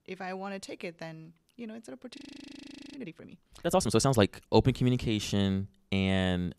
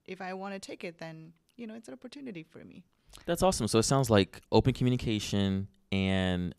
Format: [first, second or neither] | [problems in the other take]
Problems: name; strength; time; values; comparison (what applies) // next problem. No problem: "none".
second | audio freezing; at 2 s for 1 s